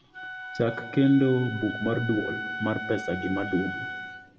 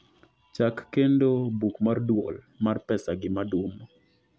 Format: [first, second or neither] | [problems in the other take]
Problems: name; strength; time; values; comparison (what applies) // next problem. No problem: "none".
second | background sound (Wind instrument, woodwind instrument); 9 dB below the speech // room echo; dies away in 1.2 s